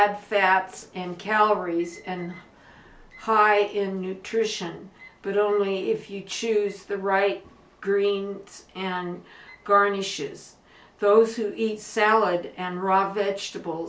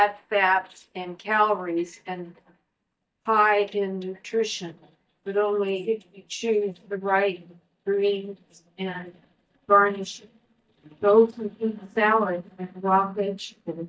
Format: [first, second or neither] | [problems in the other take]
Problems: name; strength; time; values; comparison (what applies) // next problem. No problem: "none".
first | noise reduction (neural mask model DeepFilterNet 3)